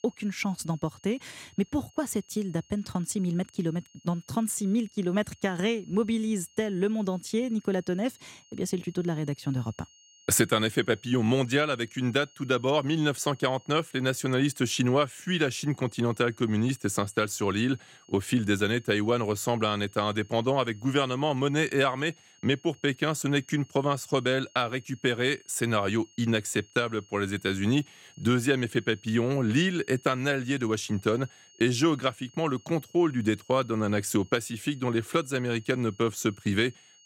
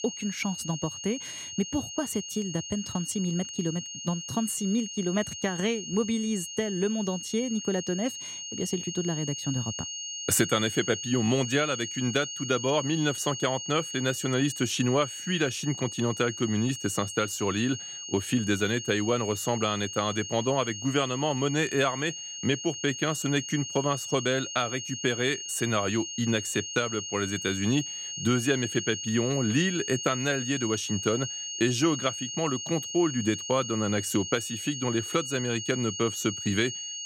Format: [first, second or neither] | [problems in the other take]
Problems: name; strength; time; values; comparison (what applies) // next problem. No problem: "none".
first | high-pitched whine; loud; throughout; 6.5 kHz, 6 dB below the speech; faint in the first